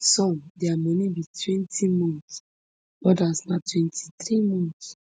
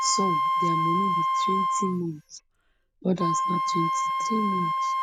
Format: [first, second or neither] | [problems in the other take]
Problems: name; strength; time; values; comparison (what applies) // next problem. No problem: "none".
first | background sound (Wind instrument, woodwind instrument); 4 dB above the speech